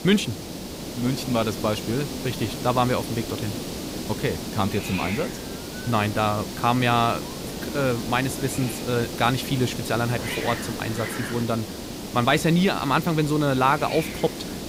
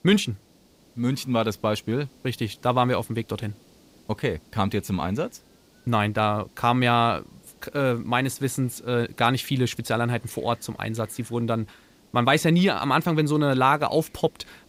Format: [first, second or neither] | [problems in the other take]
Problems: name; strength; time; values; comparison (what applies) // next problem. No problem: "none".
second | hiss; loud; throughout; 7 dB below the speech; faint in the second